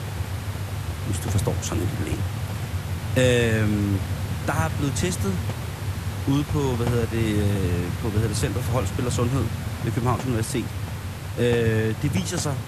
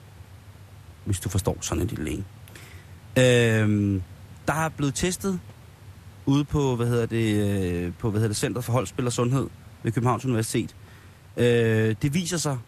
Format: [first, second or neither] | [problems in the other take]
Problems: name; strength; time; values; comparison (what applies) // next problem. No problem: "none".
second | hiss; loud; throughout; 3 dB below the speech; faint in the second